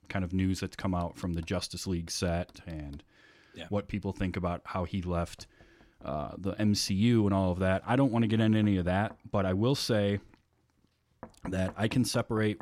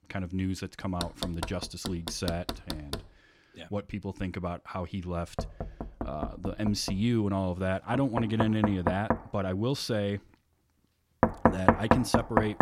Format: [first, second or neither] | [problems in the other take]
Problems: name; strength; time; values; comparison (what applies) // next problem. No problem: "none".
first | household noises; loud; throughout; as loud as the speech; faint in the first